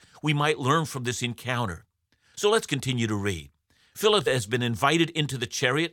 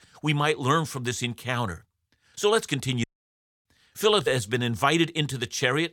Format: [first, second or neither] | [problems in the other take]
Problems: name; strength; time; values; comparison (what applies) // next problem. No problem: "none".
first | audio cutting out; at 3 s for 0.5 s